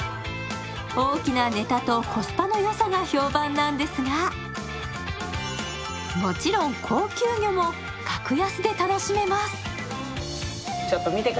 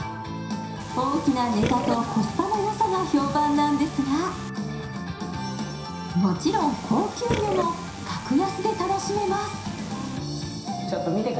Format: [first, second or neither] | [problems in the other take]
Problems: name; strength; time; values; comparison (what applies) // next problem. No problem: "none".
first | background sound (Burping, eructation); 10 dB below the speech // room echo; dies away in 0.7 s